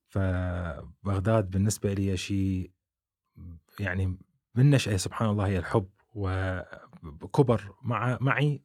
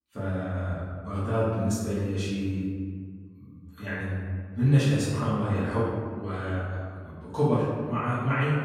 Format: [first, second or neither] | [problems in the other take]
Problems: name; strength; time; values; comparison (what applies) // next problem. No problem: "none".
first | off-mic speech; far // room echo; strong; dies away in 1.6 s